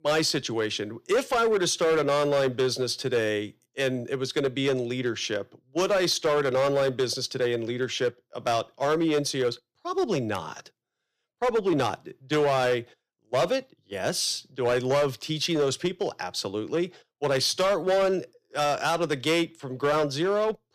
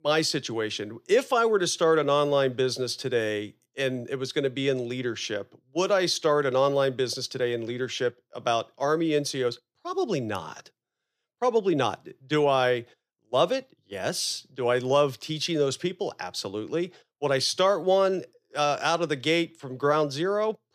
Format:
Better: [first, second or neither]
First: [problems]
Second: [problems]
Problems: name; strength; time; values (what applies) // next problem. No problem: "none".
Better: second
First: distortion; slight; 8% of the sound clipped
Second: none